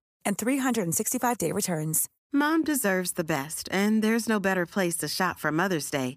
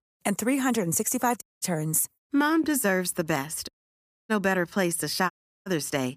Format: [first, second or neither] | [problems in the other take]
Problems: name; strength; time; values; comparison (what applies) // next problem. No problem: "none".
first | audio cutting out; at 1.5 s, at 3.5 s for 0.5 s and at 5.5 s